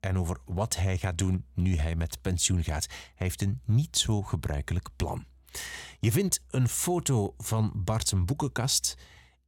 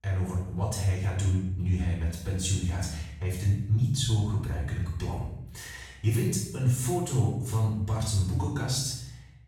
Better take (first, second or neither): first